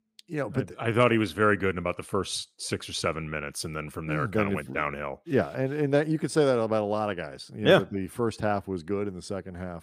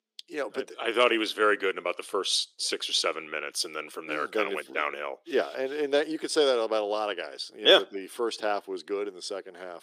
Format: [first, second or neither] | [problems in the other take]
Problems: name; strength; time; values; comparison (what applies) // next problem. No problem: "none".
first | thin; somewhat; fading below 350 Hz